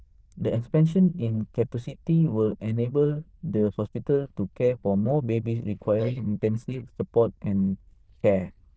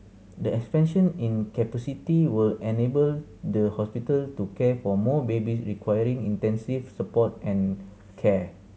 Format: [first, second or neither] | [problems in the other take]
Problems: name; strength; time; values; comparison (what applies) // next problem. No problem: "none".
second | noise reduction (neural diffusion model UNIVERSE++)